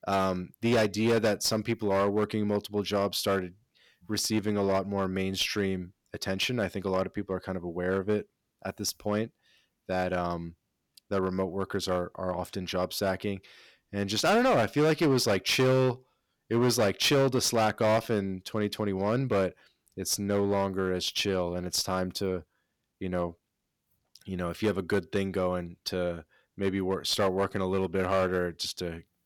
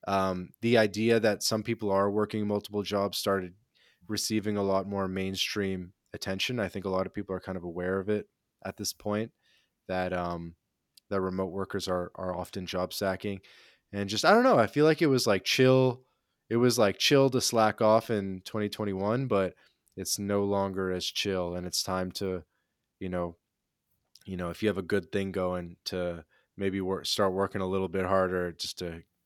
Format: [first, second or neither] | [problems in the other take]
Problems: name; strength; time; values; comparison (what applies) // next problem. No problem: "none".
second | distortion; slight; 5% of the sound clipped